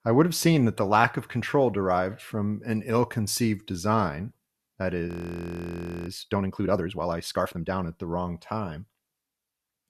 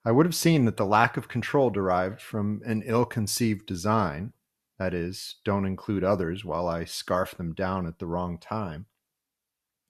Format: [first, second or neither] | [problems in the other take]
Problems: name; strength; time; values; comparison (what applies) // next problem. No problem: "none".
second | audio freezing; at 5 s for 1 s